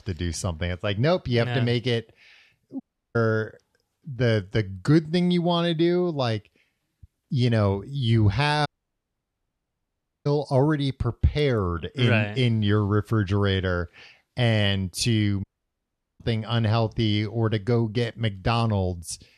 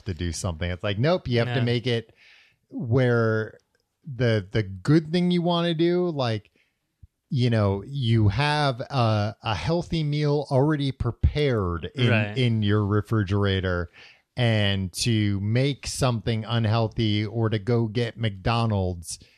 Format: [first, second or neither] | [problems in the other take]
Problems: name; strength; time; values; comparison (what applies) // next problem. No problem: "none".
second | audio cutting out; at 3 s, at 8.5 s for 1.5 s and at 15 s for 1 s